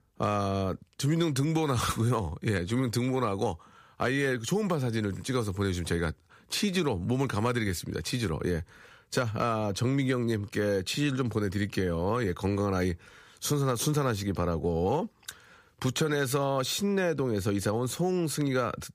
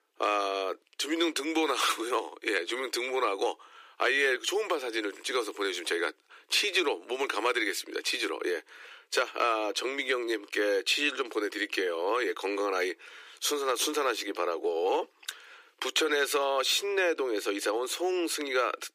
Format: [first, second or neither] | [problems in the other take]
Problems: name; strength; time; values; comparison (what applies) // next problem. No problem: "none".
first | thin; very; fading below 300 Hz